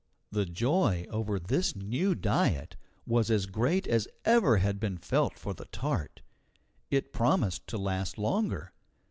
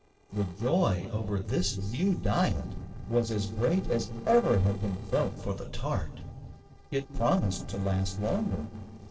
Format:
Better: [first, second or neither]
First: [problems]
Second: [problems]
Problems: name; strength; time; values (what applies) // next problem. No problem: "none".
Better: first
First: none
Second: noise reduction (neural separator model SepFormer DNS4)